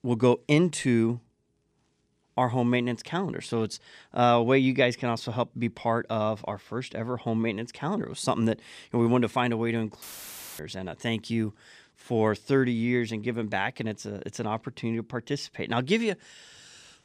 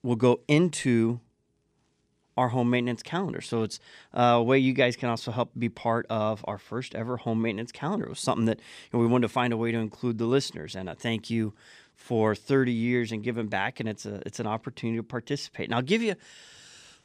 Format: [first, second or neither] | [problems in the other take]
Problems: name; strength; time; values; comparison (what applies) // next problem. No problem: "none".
second | audio cutting out; filled with static; at 10 s for 0.5 s